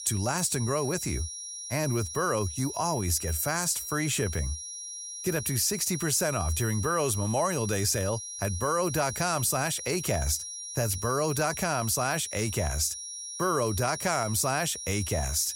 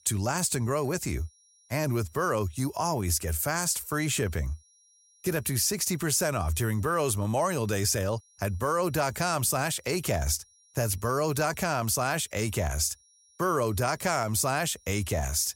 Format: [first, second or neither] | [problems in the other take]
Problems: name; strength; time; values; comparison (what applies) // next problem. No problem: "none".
second | high-pitched whine; loud; throughout; 5.5 kHz, 7 dB below the speech; faint in the second